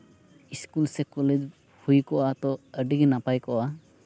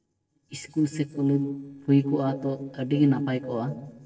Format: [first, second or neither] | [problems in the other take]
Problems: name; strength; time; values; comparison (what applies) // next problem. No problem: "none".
first | noise reduction (neural separator model SepFormer DNS4)